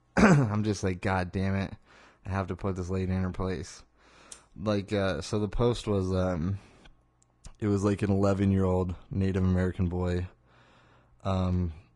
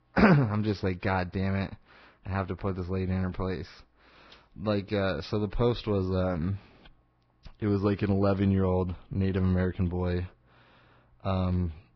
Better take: first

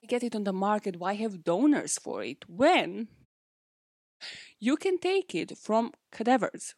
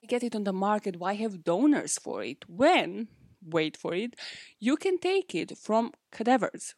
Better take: second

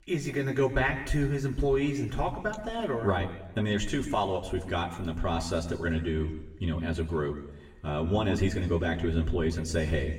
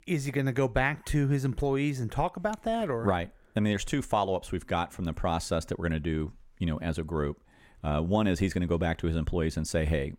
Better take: second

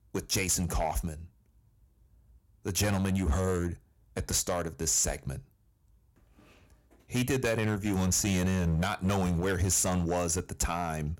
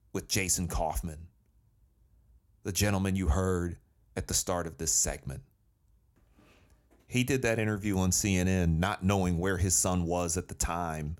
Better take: second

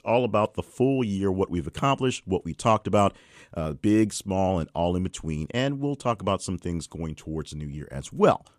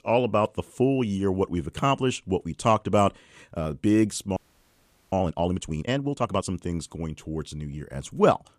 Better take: first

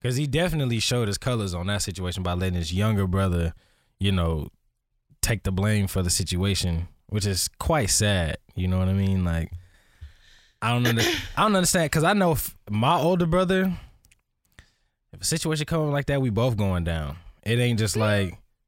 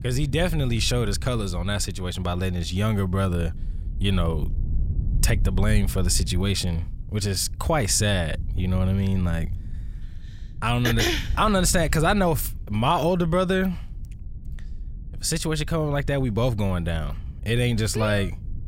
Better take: first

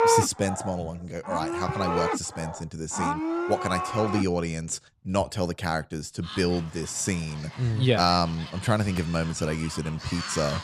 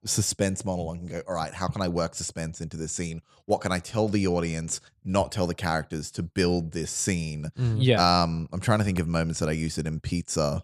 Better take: second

